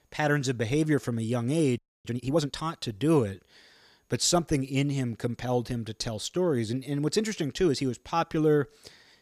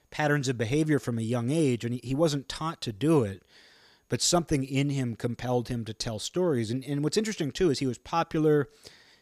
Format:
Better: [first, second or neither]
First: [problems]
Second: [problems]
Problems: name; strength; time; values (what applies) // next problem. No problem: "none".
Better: second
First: audio freezing; at 2 s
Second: none